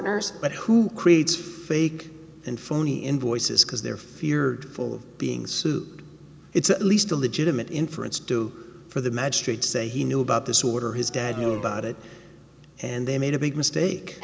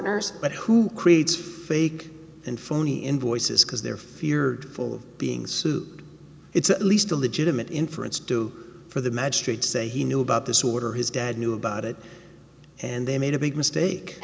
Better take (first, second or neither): second